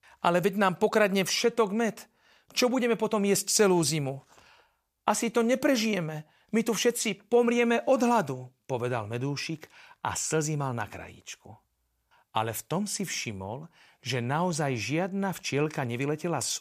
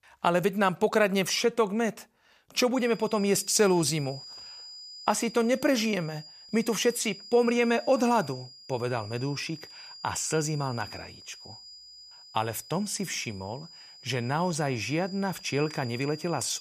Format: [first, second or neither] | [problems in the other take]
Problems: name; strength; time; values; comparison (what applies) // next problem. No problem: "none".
first | high-pitched whine; noticeable; from 3 s on; 5 kHz, 15 dB below the speech